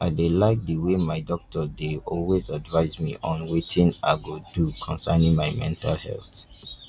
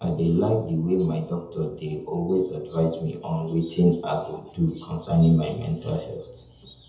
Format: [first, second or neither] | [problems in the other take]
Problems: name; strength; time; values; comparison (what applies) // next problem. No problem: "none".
first | room echo; dies away in 0.7 s